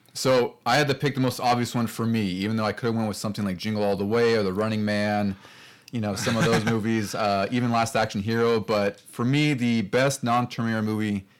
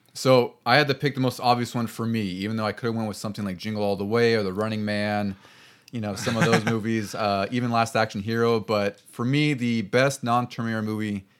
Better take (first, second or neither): second